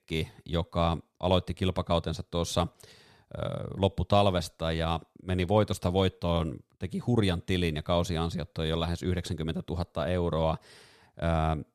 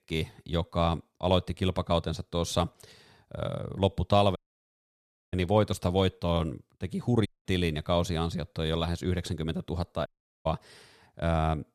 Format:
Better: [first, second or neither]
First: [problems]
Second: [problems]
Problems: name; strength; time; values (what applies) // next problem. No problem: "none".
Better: first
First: none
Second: audio cutting out; at 4.5 s for 1 s, at 7.5 s and at 10 s